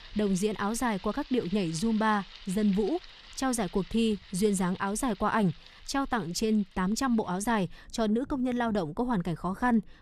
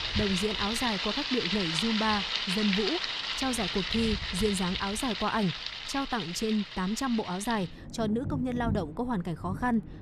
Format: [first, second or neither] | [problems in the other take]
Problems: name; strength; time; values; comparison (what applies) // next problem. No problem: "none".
first | rain or running water; loud; throughout; 1 dB below the speech; faint in the first